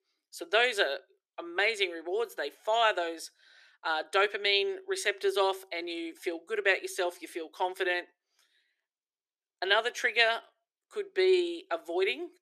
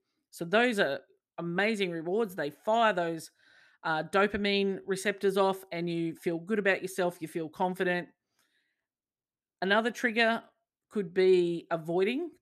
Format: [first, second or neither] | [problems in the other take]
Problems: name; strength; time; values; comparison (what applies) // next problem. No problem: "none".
second | thin; very; fading below 350 Hz